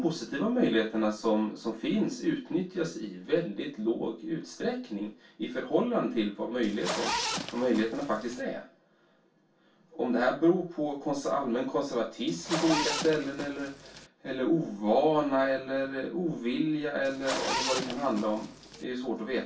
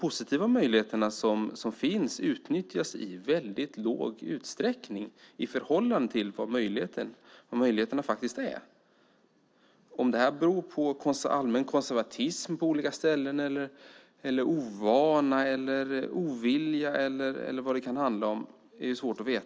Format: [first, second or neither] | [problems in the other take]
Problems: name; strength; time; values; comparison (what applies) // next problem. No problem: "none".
second | background sound (Zipper (clothing)); 5 dB below the speech // room echo; dies away in 0.2 s